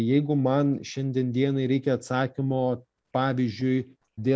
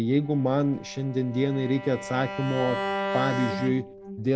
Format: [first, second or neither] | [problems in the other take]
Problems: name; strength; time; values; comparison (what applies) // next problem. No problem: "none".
first | background sound (Bowed string instrument); 7 dB below the speech